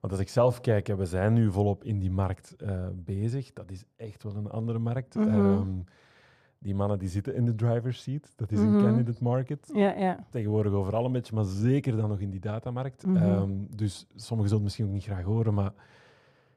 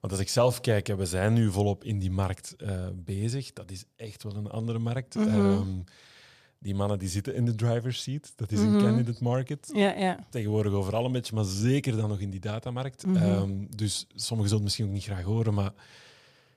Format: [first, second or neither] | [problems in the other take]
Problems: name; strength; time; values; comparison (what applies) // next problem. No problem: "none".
second | muffled; slightly; fading above 2 kHz